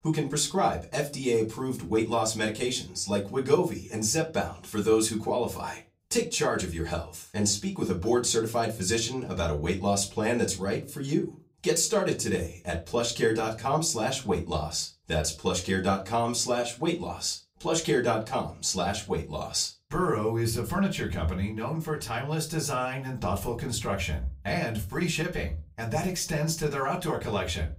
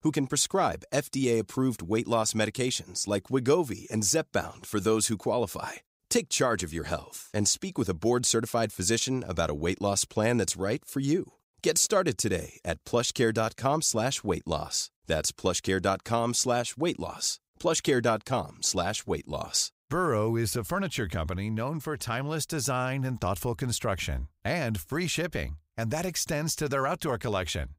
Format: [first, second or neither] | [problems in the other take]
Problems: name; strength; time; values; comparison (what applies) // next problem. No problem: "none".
second | off-mic speech; far // room echo; very slight; dies away in 0.2 s